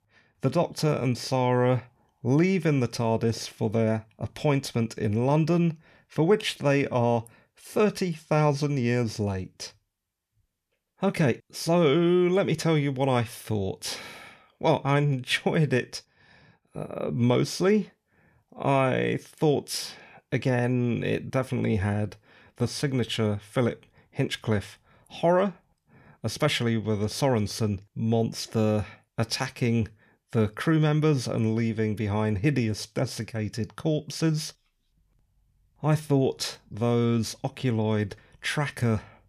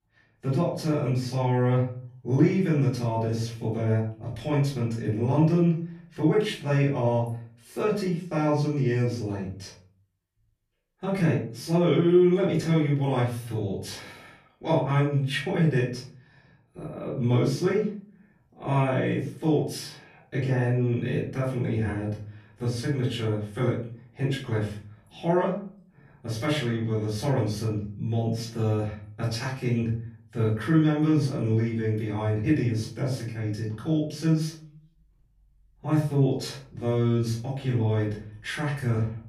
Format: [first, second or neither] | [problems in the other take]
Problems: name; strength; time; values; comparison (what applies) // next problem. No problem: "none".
first | off-mic speech; far // room echo; noticeable; dies away in 0.4 s